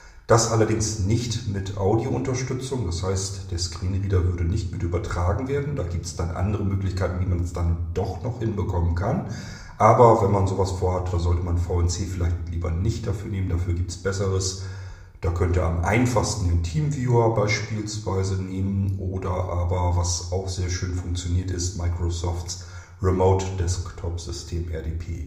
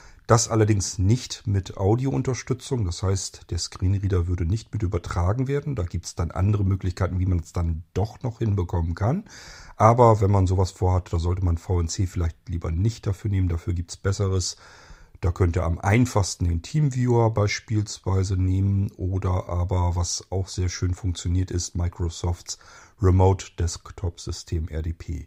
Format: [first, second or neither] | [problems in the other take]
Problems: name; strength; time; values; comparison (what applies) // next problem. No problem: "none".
second | room echo; slight; dies away in 0.6 s